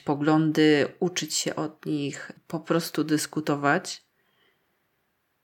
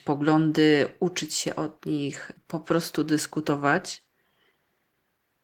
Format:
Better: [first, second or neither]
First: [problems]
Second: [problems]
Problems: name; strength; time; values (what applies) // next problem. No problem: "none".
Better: first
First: none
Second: garbled, watery; slightly; nothing above 18 kHz